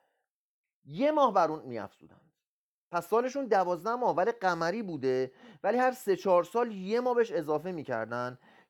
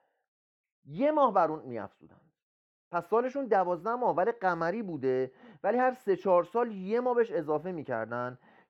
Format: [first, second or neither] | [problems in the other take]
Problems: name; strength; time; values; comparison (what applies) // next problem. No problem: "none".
first | muffled; slightly; fading above 3.5 kHz